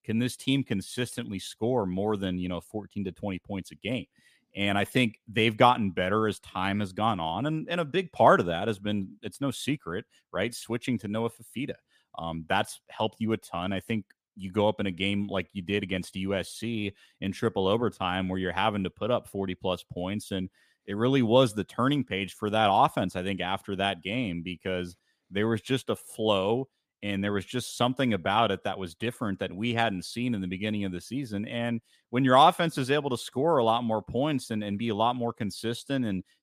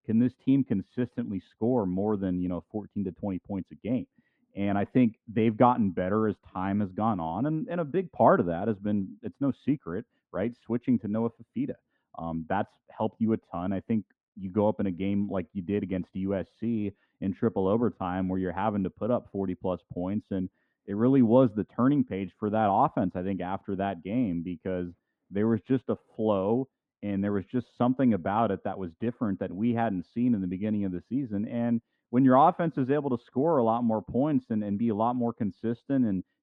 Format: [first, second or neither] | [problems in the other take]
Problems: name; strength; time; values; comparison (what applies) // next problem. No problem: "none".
first | muffled; very; fading above 1 kHz